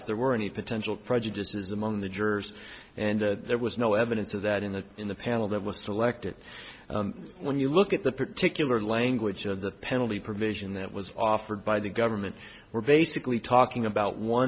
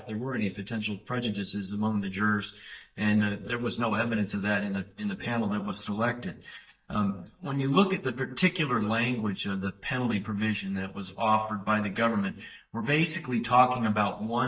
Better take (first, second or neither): first